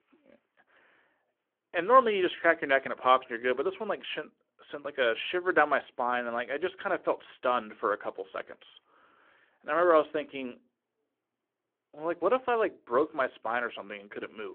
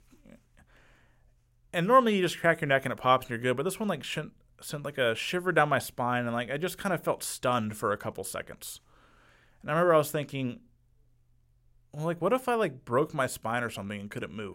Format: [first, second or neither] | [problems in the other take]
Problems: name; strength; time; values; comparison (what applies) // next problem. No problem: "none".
second | phone-call audio